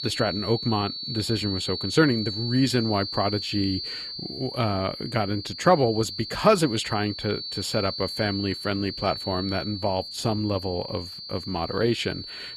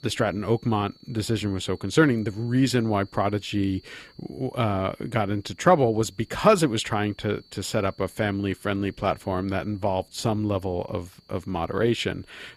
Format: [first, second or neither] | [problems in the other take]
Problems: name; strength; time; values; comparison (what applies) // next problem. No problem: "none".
second | high-pitched whine; loud; throughout; 4.5 kHz, 6 dB below the speech; faint in the second